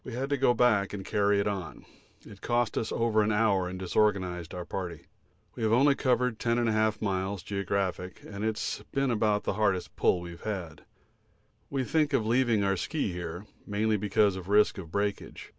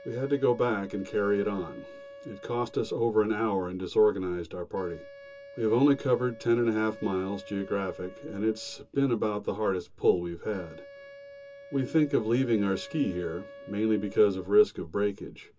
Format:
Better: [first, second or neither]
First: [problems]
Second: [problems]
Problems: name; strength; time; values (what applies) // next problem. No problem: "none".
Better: first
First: none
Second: background sound (Wind instrument, woodwind instrument); 20 dB below the speech // room echo; dies away in 0.2 s